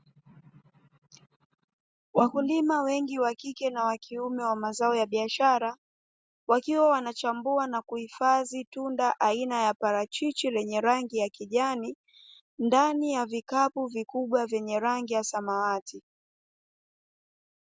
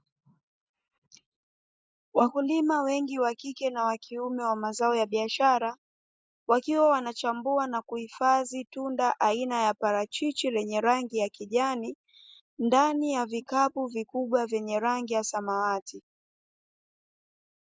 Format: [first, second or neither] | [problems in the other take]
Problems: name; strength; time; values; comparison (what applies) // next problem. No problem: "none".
first | noise reduction (neural mask model Resemble Enhance denoiser)